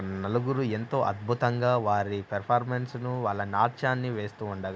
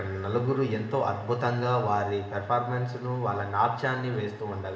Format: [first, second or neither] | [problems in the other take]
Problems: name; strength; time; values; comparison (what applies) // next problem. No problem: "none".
first | room echo; dies away in 1.2 s